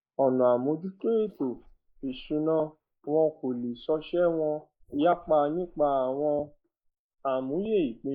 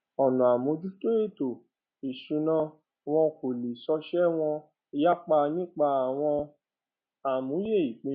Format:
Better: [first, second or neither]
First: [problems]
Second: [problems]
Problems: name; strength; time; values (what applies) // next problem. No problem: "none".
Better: second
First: noise reduction (neural mask model Resemble Enhance denoiser)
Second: none